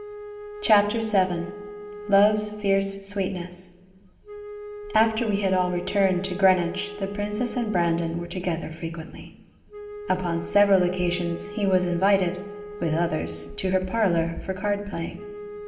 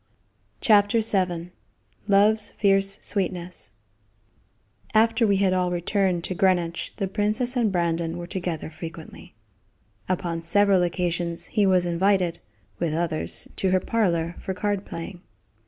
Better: second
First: background sound (Wind instrument, woodwind instrument); 13 dB below the speech // room echo; dies away in 1.9 s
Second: none

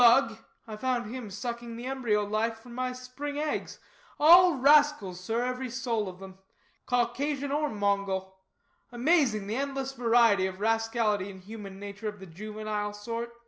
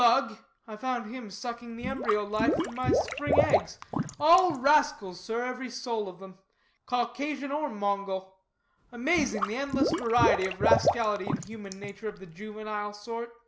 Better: first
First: none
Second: background sound (Liquid); as loud as the speech

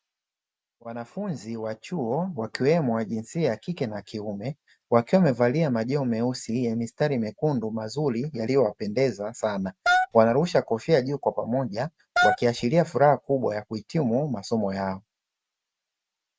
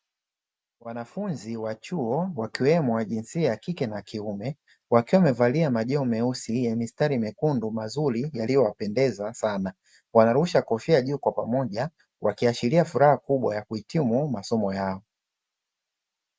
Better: second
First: background sound (Wind instrument, woodwind instrument); as loud as the speech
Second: none

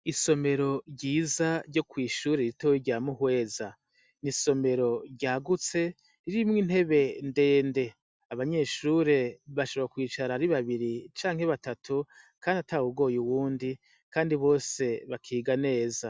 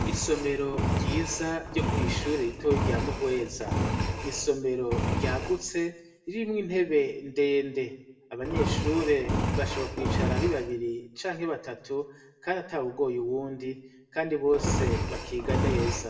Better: first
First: none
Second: background sound (Engine); 1 dB below the speech // room echo; dies away in 0.6 s

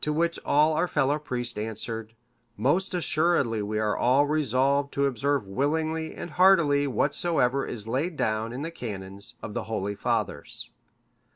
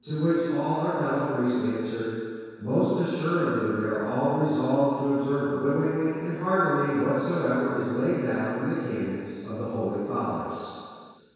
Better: first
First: none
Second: room echo; dies away in 2 s

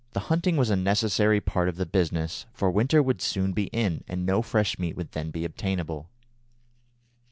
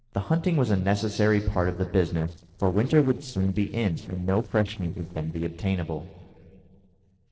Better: first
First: none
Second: noise reduction (neural separator model SepFormer DNS4)

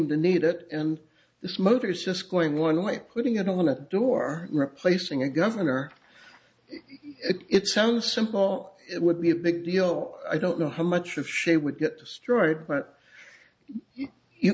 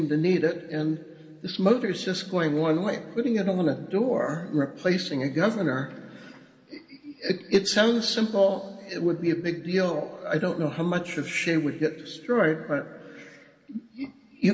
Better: first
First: none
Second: room echo; dies away in 2 s

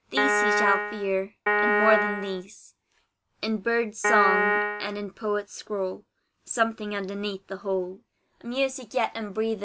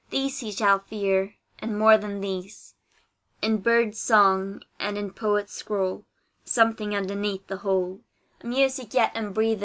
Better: second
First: background sound (Piano); 4 dB above the speech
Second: none

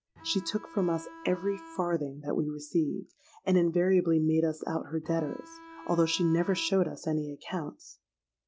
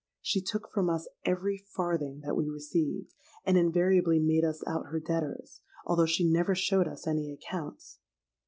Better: second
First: background sound (Bowed string instrument); 18 dB below the speech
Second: none

